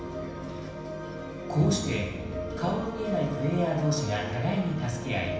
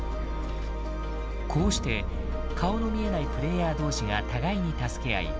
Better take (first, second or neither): second